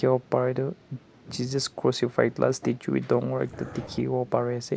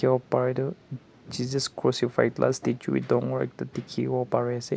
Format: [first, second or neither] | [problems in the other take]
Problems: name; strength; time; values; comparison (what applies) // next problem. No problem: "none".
second | background sound (Dog); 18 dB below the speech